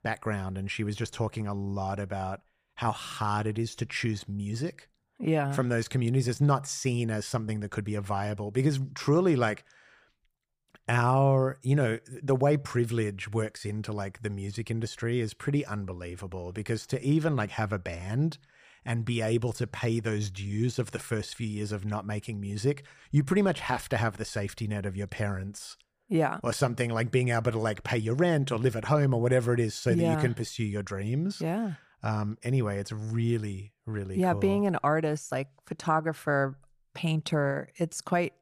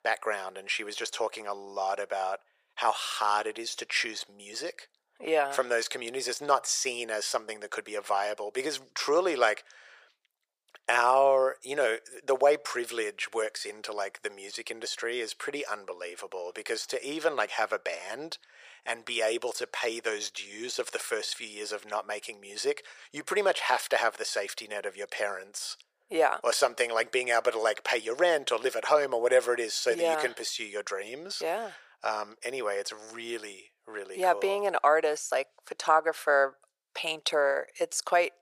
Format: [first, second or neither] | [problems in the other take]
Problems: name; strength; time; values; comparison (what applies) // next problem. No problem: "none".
first | thin; very; fading below 500 Hz